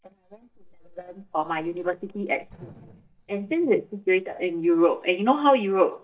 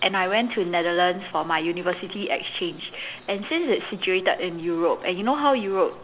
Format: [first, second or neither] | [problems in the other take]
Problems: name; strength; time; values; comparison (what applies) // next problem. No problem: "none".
second | noise reduction (neural mask model DeepFilterNet 3)